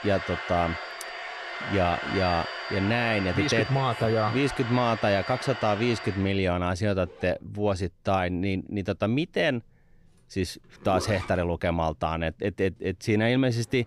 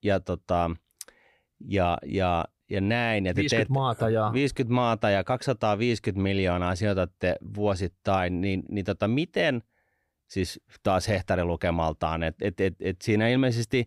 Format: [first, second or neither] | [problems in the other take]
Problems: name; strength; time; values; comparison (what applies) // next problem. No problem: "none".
second | household noises; loud; throughout; 8 dB below the speech